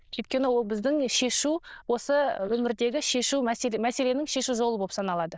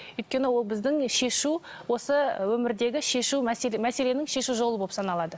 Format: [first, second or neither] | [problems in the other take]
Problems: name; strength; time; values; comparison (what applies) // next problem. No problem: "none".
second | noise reduction (neural diffusion model UNIVERSE++)